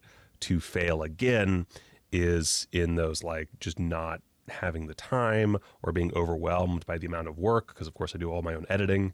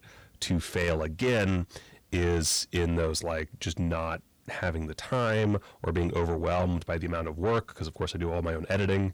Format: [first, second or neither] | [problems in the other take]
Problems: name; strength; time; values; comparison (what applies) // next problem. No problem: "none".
first | distortion; slight; 10 dB below the speech